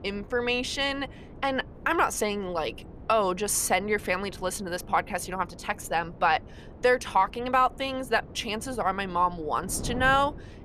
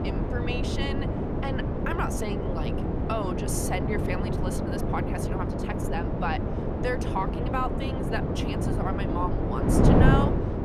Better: first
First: wind noise on the microphone; occasional gusts; 25 dB below the speech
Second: wind noise on the microphone; heavy; 1 dB above the speech

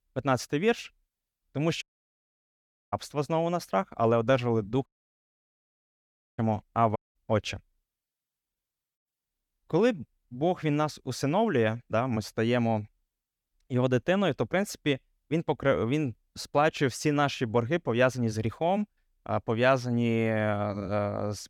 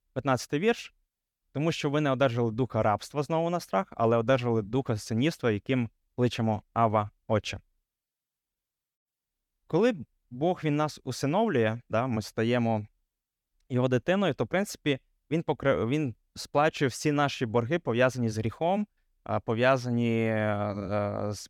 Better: second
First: audio cutting out; at 2 s for 1 s, at 5 s for 1.5 s and at 7 s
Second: none

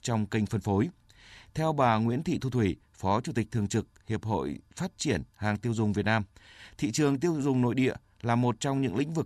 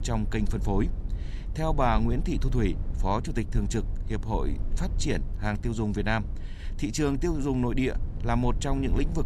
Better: first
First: none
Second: low rumble; noticeable; throughout; 20 dB below the speech

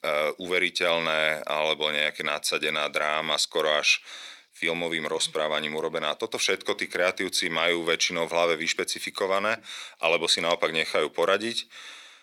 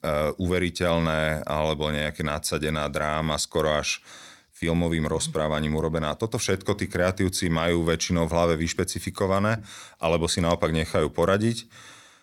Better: second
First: thin; somewhat; fading below 400 Hz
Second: none

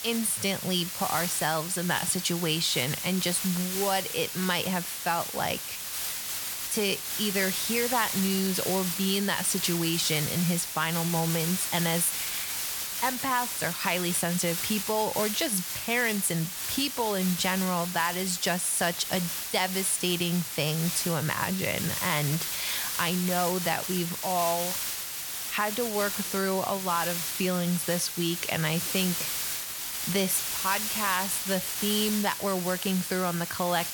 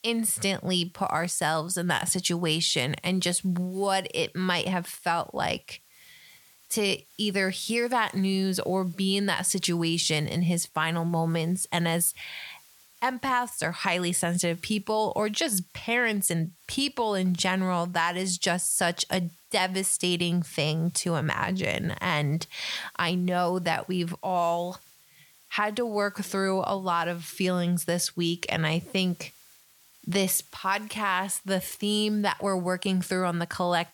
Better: second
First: hiss; loud; throughout; 2 dB below the speech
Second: hiss; faint; throughout; 30 dB below the speech

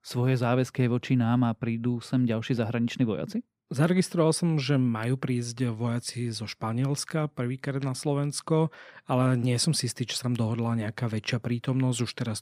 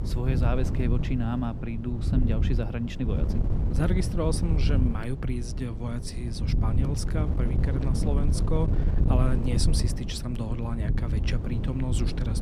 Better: first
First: none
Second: wind noise on the microphone; heavy; 4 dB below the speech

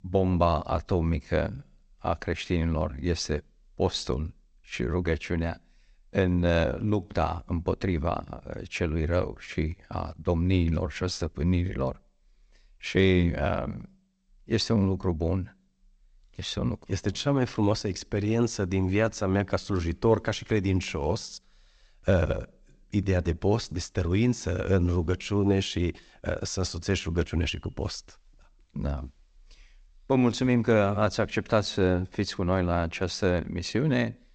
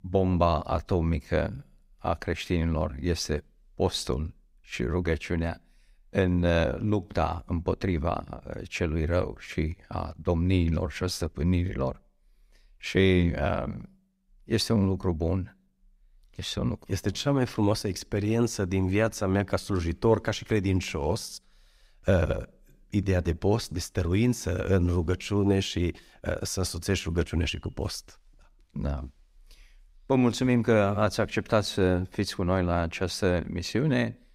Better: second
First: garbled, watery; slightly; nothing above 7.5 kHz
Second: none

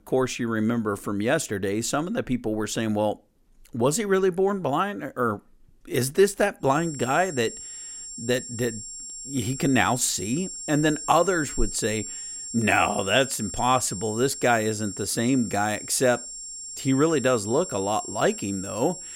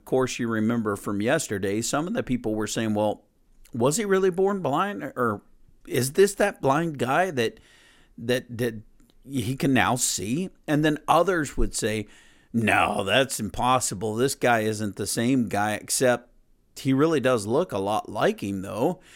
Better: second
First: high-pitched whine; loud; from 6.5 s on; 7.5 kHz, 9 dB below the speech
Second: none

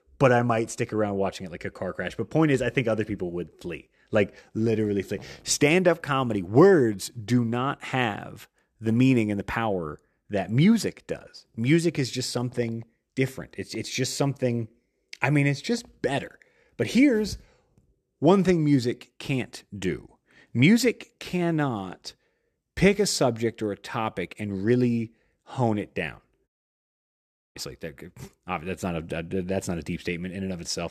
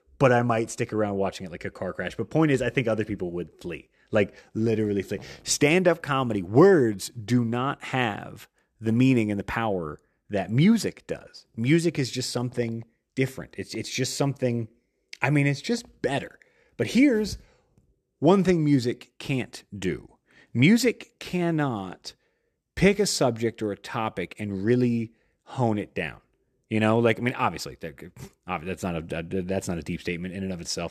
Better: second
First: audio cutting out; at 26 s for 1 s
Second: none

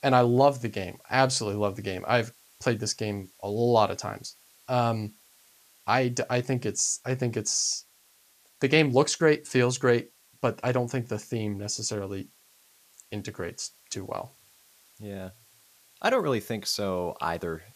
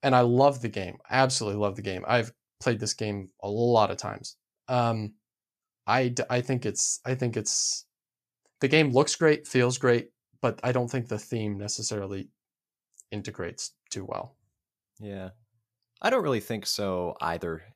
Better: second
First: hiss; faint; throughout; 30 dB below the speech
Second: none

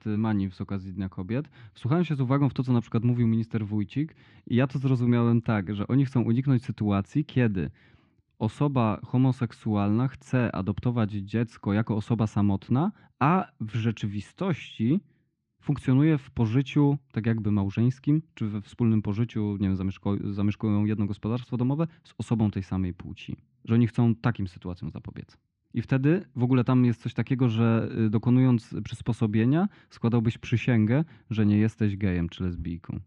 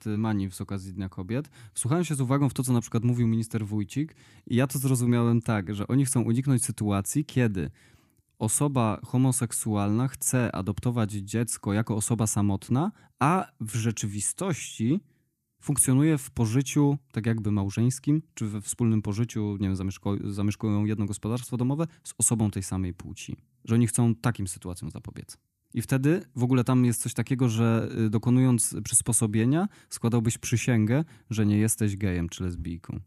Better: second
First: muffled; very; fading above 4 kHz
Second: none

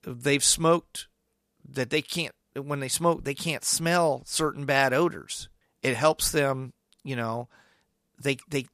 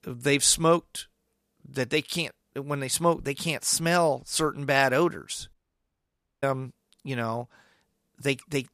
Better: first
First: none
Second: audio cutting out; at 5.5 s for 1 s

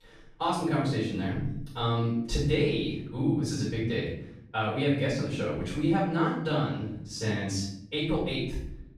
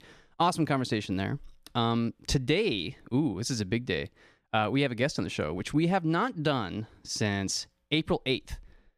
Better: second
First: off-mic speech; far // room echo; noticeable; dies away in 0.8 s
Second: none

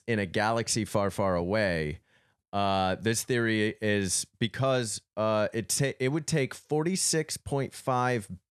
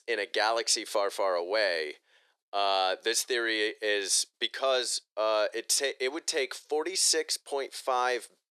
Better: first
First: none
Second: thin; very; fading below 350 Hz

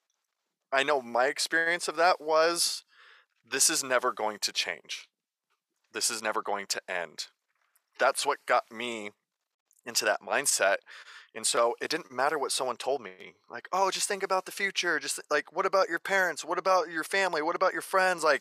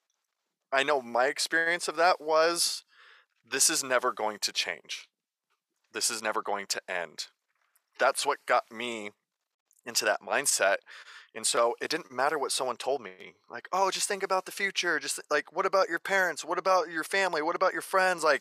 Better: neither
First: thin; very; fading below 750 Hz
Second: thin; very; fading below 750 Hz

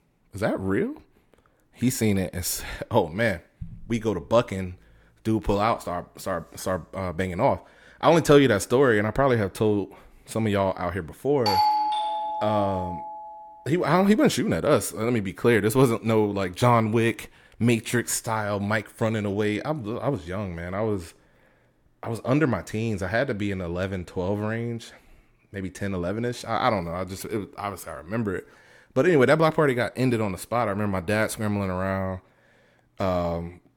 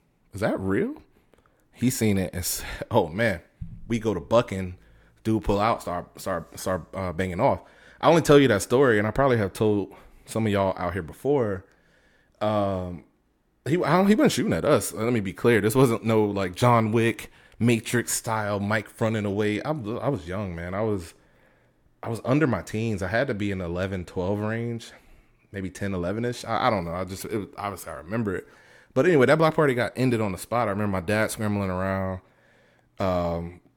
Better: second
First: doorbell; loud; from 11 to 13 s; peak 3 dB above the speech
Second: none

